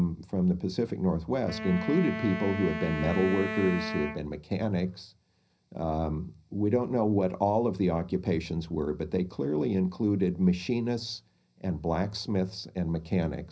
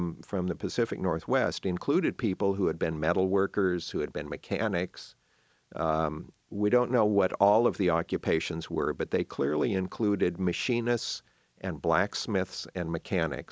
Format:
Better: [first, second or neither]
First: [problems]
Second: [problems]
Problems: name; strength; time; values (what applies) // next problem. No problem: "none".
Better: second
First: background sound (Wind instrument, woodwind instrument); 7 dB below the speech // room echo; dies away in 0.4 s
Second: none